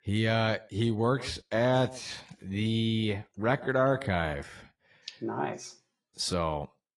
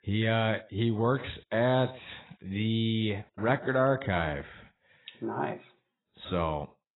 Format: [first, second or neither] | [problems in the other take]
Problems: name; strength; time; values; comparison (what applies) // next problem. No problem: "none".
first | garbled, watery; badly; nothing above 4 kHz; slightly in the first